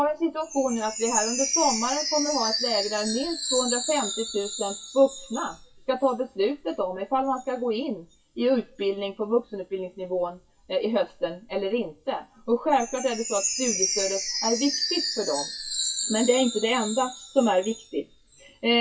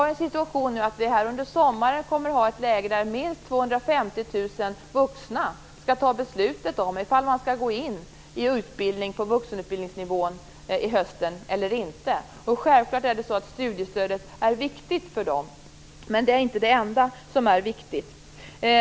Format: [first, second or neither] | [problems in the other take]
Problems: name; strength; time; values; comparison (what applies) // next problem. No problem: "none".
second | noise reduction (classical method WPE with log-MMSE)